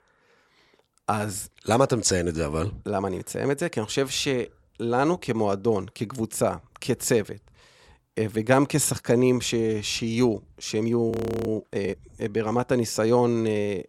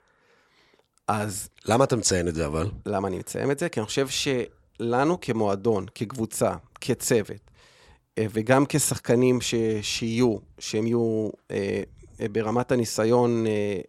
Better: second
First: audio freezing; at 11 s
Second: none

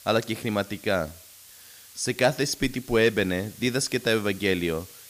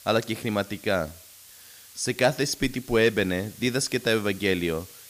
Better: neither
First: hiss; noticeable; throughout; 20 dB below the speech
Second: hiss; noticeable; throughout; 20 dB below the speech

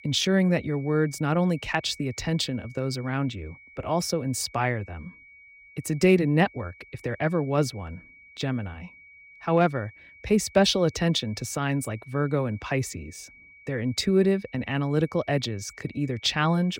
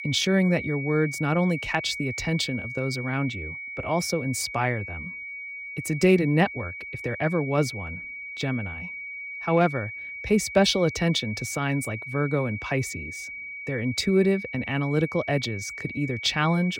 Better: first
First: high-pitched whine; faint; throughout; 2.5 kHz, 25 dB below the speech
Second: high-pitched whine; loud; throughout; 2.5 kHz, 9 dB below the speech

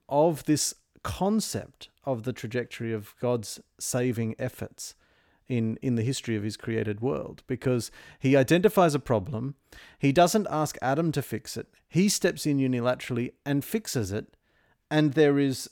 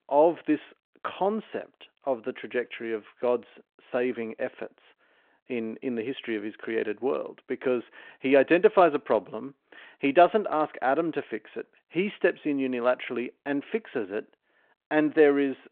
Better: first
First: none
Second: phone-call audio

